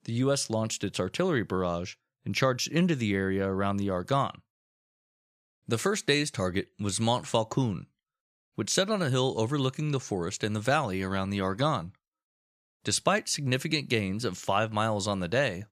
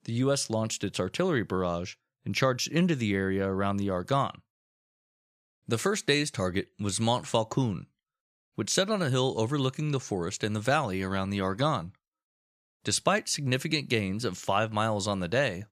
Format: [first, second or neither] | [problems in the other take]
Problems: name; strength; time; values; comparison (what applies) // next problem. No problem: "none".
neither | none